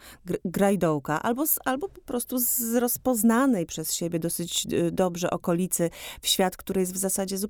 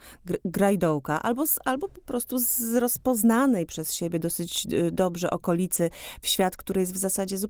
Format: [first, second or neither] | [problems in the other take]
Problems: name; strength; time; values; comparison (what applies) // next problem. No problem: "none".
first | garbled, watery; slightly